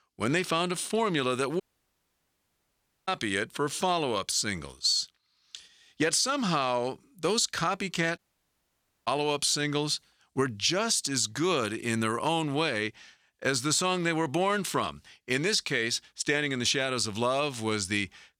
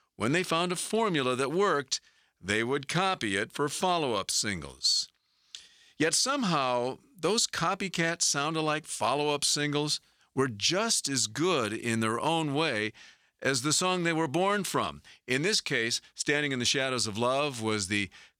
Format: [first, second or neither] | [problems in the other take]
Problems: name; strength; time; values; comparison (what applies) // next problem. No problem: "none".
second | audio cutting out; at 1.5 s for 1.5 s and at 8 s for 1 s